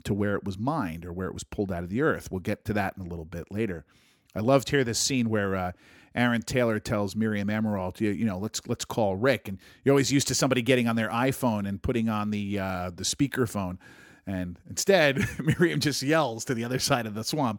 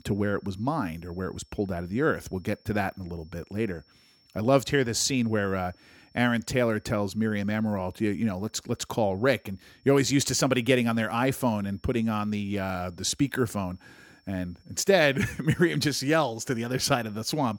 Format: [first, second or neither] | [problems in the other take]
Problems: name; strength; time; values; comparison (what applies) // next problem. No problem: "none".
first | high-pitched whine; faint; throughout; 5.5 kHz, 35 dB below the speech